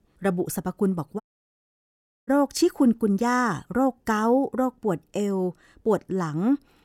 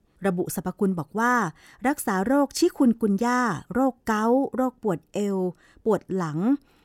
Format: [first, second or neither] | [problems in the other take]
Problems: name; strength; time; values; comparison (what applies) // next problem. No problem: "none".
second | audio cutting out; at 1 s for 1 s